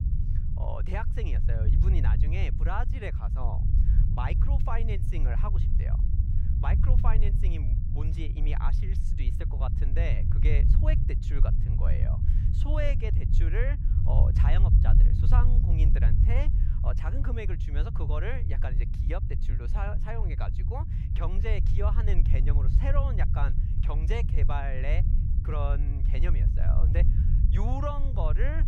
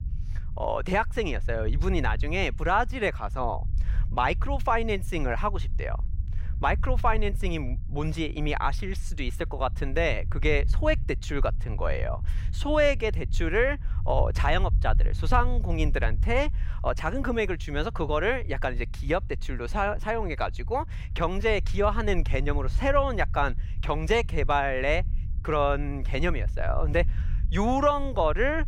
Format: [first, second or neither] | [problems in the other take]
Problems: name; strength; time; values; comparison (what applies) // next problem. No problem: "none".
second | low rumble; loud; throughout; 5 dB below the speech; faint in the second